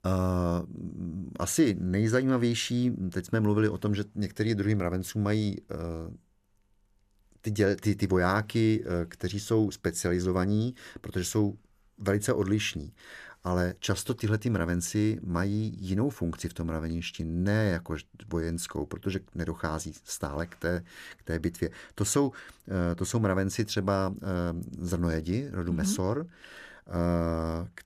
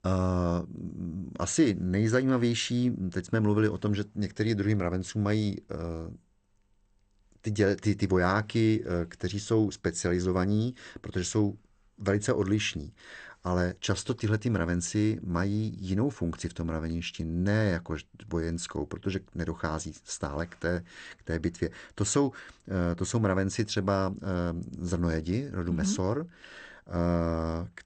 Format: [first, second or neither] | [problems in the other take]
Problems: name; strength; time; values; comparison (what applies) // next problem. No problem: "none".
first | garbled, watery; slightly; nothing above 8.5 kHz